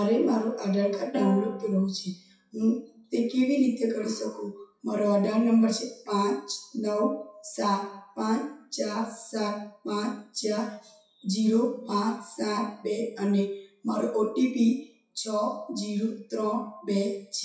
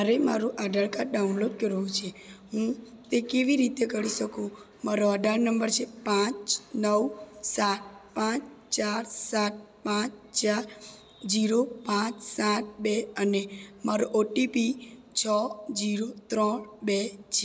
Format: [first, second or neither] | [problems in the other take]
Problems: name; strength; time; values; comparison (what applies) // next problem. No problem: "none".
second | noise reduction (classical method WPE with log-MMSE)